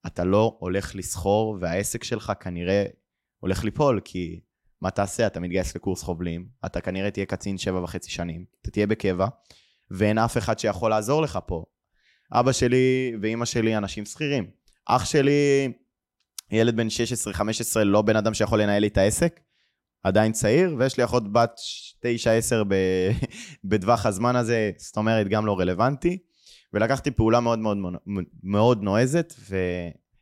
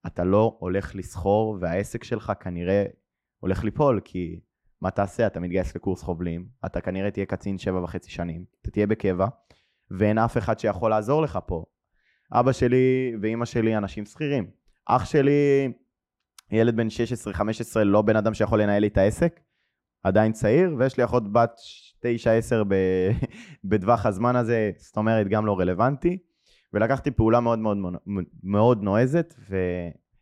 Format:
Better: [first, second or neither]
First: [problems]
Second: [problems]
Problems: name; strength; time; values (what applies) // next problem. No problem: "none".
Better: first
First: none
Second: muffled; slightly; fading above 3 kHz